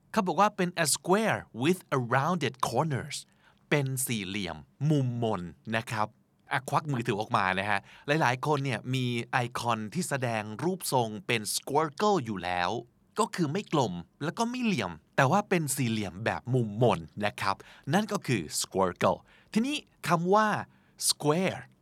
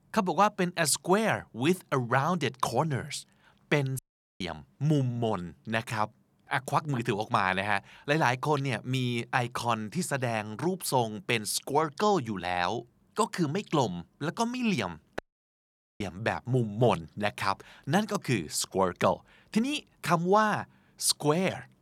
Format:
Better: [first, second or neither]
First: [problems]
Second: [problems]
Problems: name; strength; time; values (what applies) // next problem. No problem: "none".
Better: first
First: none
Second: audio cutting out; at 4 s and at 15 s for 1 s